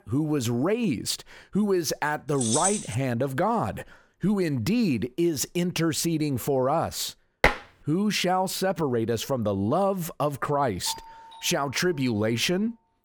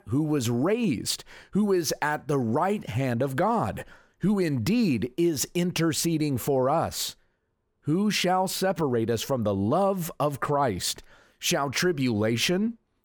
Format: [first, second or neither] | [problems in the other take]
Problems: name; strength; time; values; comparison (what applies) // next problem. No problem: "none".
second | jangling keys; loud; at 2.5 s; peak 1 dB above the speech // clattering dishes; loud; at 7.5 s; peak 3 dB above the speech // doorbell; faint; at 11 s; peak 15 dB below the speech